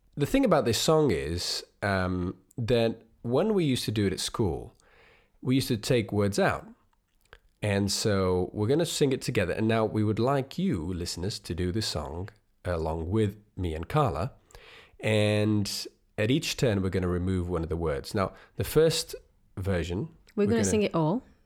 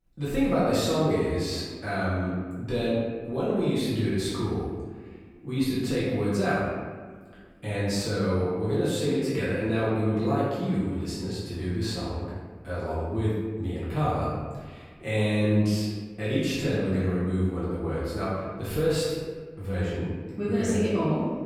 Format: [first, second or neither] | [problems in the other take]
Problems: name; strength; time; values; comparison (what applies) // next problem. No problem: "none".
first | room echo; strong; dies away in 1.4 s // off-mic speech; far